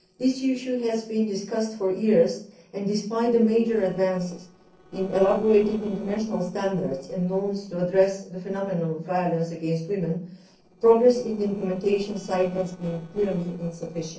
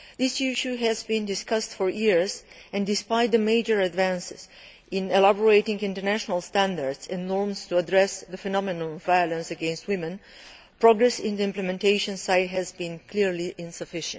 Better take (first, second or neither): second